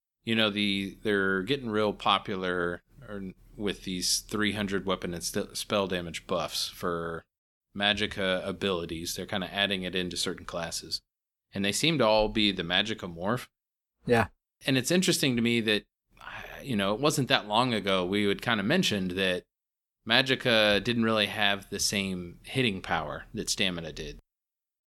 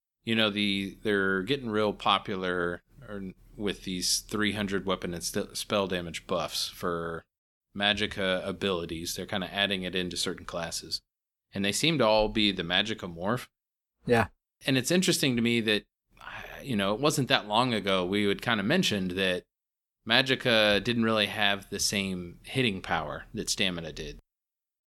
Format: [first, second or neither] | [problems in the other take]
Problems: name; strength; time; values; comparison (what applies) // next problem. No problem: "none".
neither | none